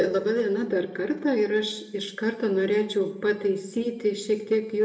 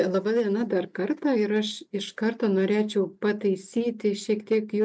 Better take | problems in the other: second | room echo; dies away in 0.8 s

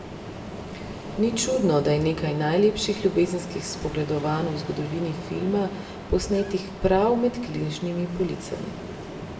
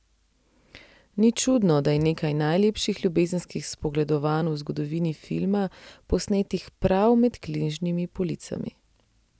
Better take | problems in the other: second | background sound (Ocean); 11 dB below the speech // room echo; dies away in 0.7 s

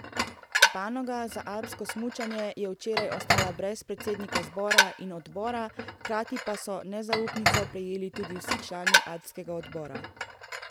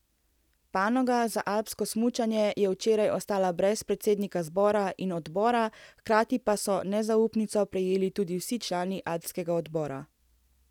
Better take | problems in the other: second | background sound (Dishes, pots, and pans); 4 dB above the speech

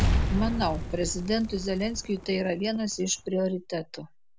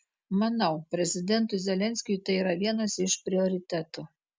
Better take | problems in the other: second | background sound (Explosion); 3 dB below the speech

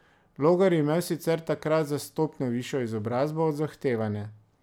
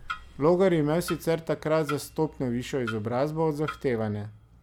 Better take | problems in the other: first | background sound (Clock); 16 dB below the speech

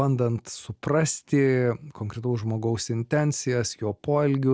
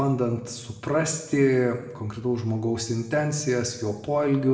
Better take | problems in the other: first | room echo; dies away in 0.8 s

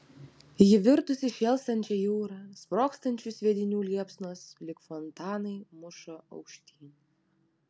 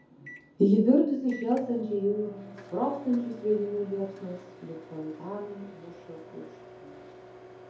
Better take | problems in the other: first | background sound (Microwave oven); 19 dB below the speech // room echo; dies away in 0.6 s

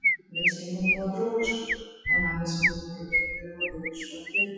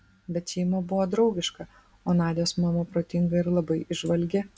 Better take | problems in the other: second | noise reduction (classical method WPE with log-MMSE)

